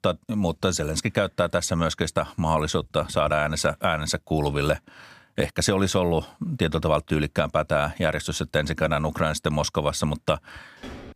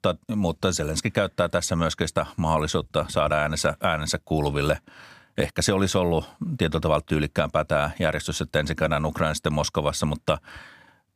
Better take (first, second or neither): second